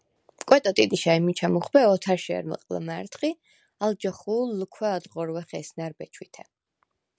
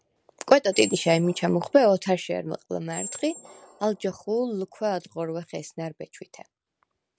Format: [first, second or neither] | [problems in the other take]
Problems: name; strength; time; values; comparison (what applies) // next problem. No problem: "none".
first | background sound (Squeak); 15 dB below the speech